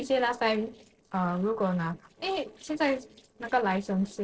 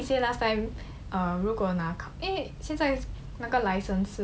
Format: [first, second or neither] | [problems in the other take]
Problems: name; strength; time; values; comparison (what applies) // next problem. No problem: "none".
second | noise reduction (neural separator model SepFormer DNS4)